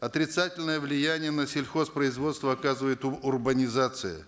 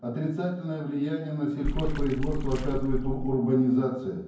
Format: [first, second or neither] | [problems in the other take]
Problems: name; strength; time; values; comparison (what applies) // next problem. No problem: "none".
first | background sound (Water / Splash, splatter); 1 dB below the speech // room echo; dies away in 0.9 s